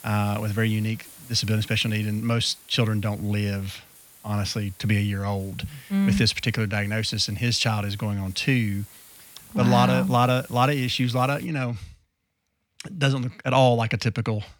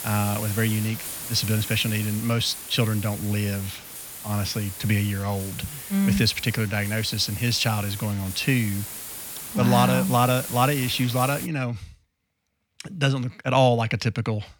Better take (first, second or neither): first